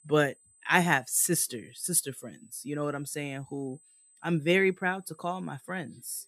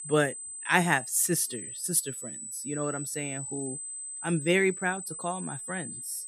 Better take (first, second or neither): first